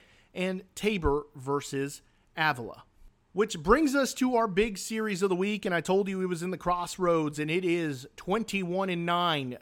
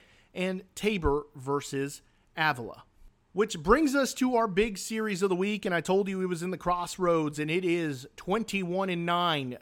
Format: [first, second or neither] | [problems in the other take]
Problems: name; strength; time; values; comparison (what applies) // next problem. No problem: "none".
neither | none